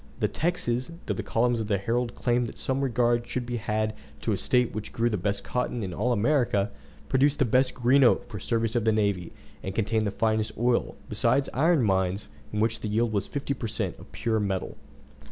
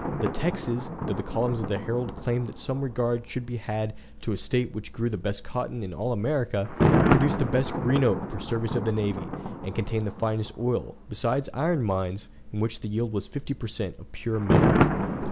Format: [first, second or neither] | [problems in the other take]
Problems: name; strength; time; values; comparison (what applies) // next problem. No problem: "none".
first | background sound (Thunder); 2 dB below the speech